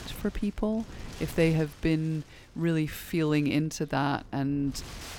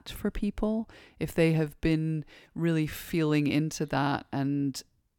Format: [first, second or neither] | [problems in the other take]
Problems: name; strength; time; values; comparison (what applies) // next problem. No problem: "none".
second | wind noise on the microphone; occasional gusts; 15 dB below the speech